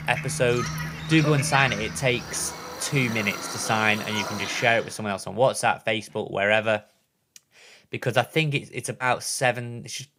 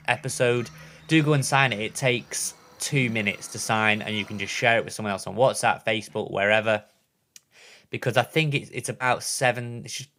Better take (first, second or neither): second